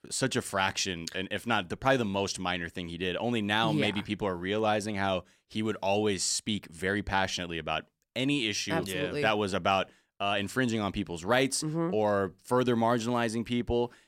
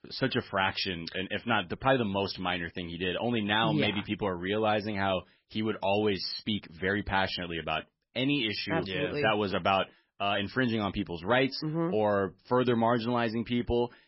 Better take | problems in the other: first | garbled, watery; badly; nothing above 5.5 kHz

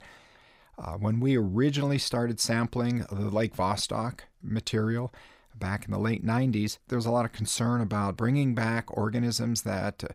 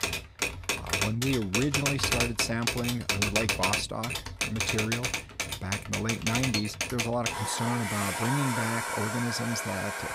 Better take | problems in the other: first | household noises; very loud; throughout; 2 dB above the speech

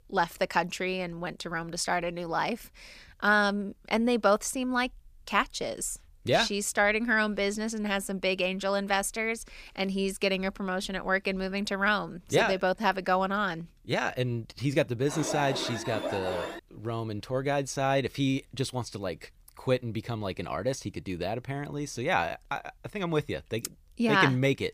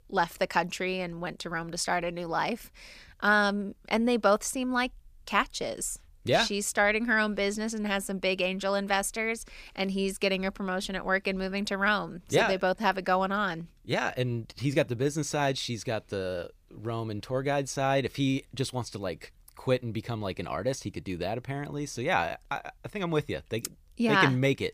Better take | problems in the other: second | alarm; noticeable; from 15 to 17 s; peak 5 dB below the speech

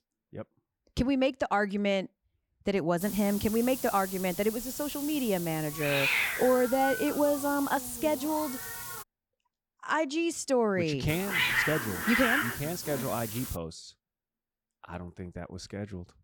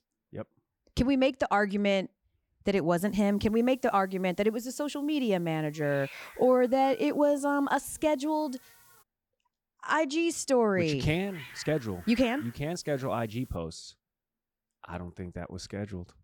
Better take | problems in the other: second | hiss; loud; from 3 to 9 s and from 11 to 14 s; 3 dB below the speech; faint in the second

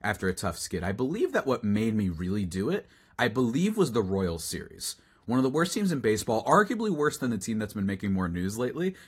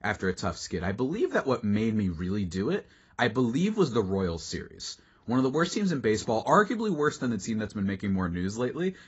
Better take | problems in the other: first | garbled, watery; badly; nothing above 7.5 kHz; slightly in the first

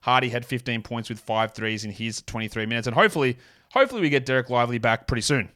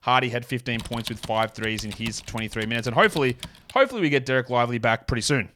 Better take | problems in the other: first | keyboard typing; faint; from 0.5 to 3.5 s; peak 10 dB below the speech

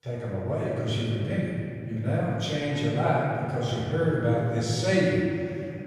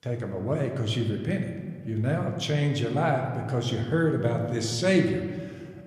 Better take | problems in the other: second | room echo; strong; dies away in 2.5 s; slight in the second // off-mic speech; far

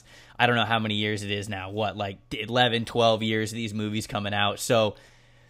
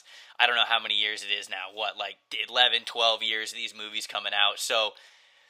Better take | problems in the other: first | thin; very; fading below 800 Hz

